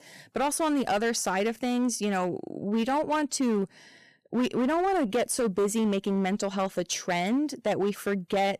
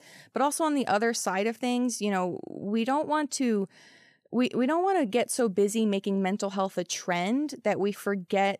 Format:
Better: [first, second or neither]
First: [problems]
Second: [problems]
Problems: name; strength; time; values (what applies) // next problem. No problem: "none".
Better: second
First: distortion; slight; 11% of the sound clipped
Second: none